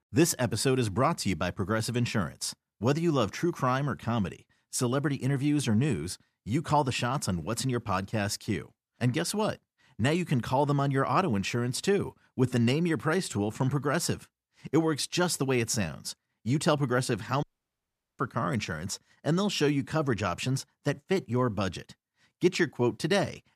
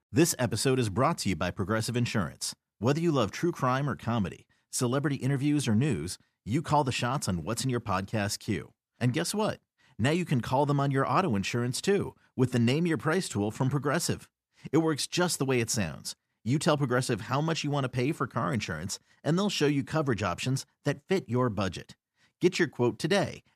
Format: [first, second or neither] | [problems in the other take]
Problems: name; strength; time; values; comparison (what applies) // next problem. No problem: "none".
second | audio cutting out; at 17 s for 1 s